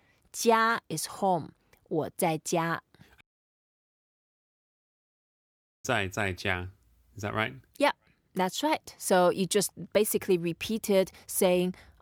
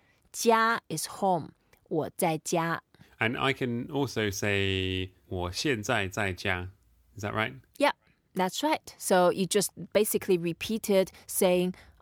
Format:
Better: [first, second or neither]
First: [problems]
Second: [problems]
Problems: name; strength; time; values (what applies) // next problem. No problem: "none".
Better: second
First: audio cutting out; at 3 s for 2.5 s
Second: none